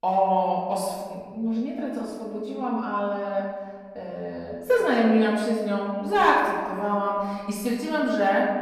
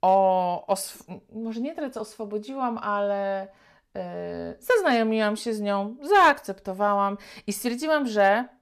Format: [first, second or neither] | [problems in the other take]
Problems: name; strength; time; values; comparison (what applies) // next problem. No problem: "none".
second | off-mic speech; far // room echo; noticeable; dies away in 1.6 s